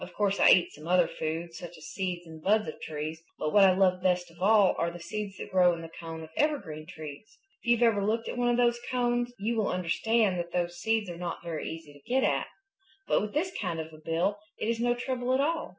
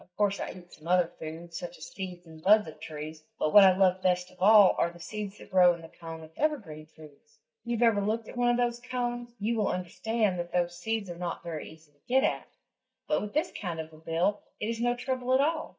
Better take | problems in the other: first | noise reduction (neural mask model DeepFilterNet 3)

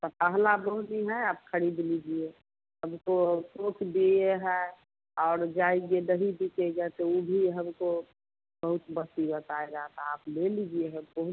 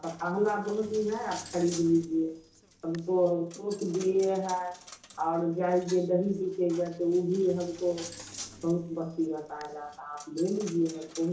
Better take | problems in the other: first | background sound (Coin (dropping)); 19 dB below the speech // room echo; dies away in 0.7 s

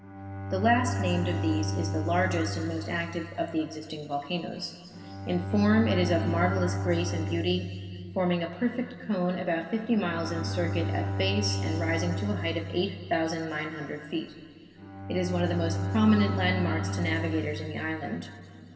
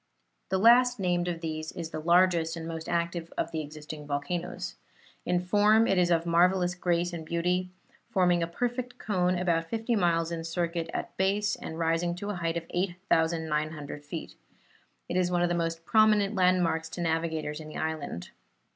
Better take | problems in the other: second | background sound (Bowed string instrument); 4 dB below the speech // room echo; dies away in 2.4 s

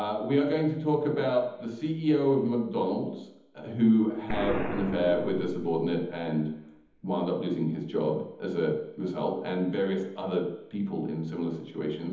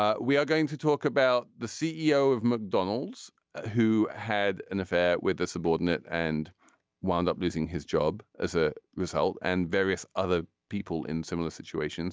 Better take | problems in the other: second | background sound (Explosion); 13 dB below the speech // room echo; dies away in 1.3 s

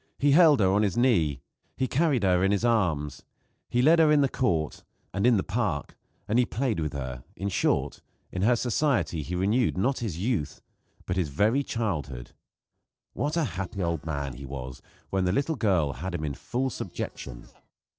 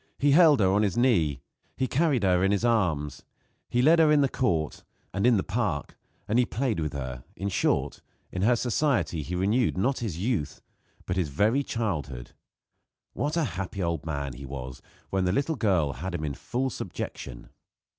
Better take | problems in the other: second | noise reduction (neural separator model SepFormer DNS4)

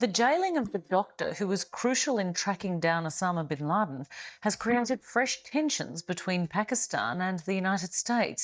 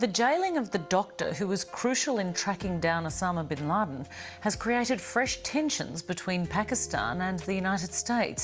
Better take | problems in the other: second | noise reduction (neural mask model DeepFilterNet 3)

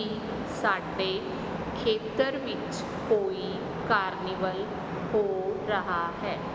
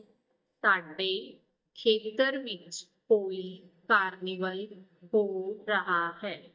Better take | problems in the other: first | noise reduction (neural mask model DeepFilterNet 3)

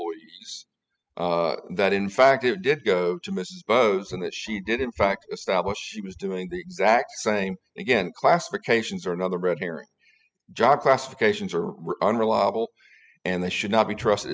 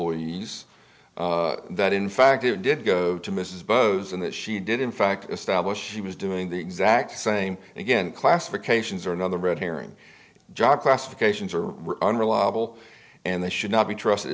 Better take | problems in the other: second | noise reduction (classical method spectral subtraction)

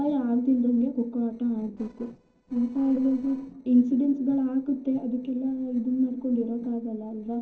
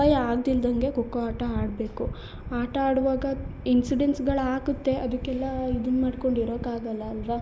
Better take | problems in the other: second | noise reduction (neural separator model SepFormer DNS4)

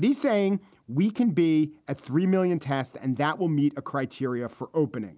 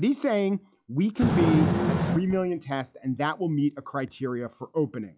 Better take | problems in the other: first | noise reduction (classical method log-MMSE)

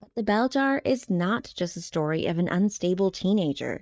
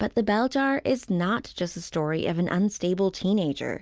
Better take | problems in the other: second | noise reduction (neural mask model DeepFilterNet 3)

